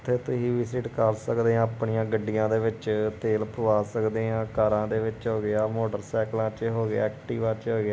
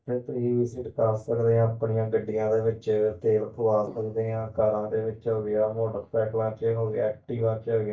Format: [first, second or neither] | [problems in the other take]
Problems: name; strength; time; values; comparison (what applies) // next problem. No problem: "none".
first | noise reduction (neural mask model DeepFilterNet 3)